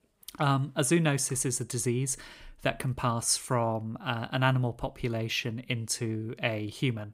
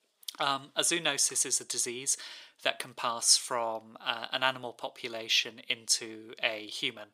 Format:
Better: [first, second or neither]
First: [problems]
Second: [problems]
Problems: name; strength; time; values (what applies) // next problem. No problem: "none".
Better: first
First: none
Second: thin; very; fading below 500 Hz